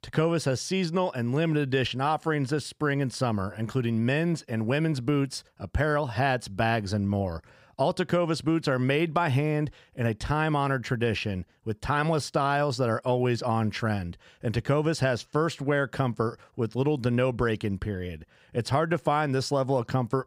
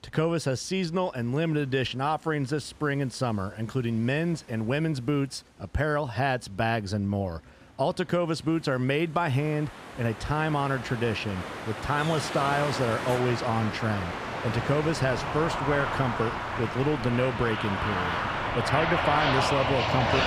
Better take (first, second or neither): first